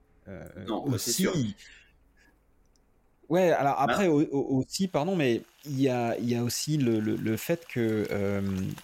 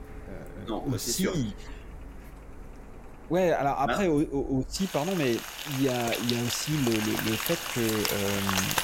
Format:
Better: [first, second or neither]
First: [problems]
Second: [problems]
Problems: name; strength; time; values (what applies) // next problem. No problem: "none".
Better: first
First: household noises; faint; throughout; 25 dB below the speech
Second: household noises; loud; throughout; 3 dB below the speech